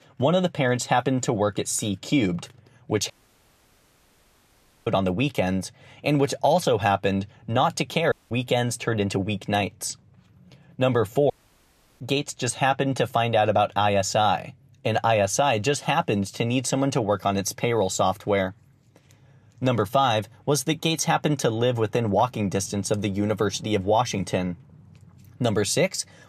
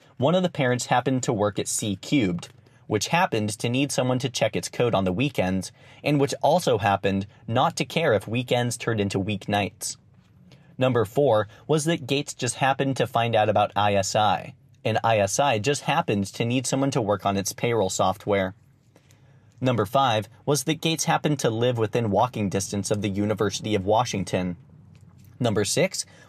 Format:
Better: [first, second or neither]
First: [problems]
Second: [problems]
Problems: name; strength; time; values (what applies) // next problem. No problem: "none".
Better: second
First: audio cutting out; at 3 s for 2 s, at 8 s and at 11 s for 0.5 s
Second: none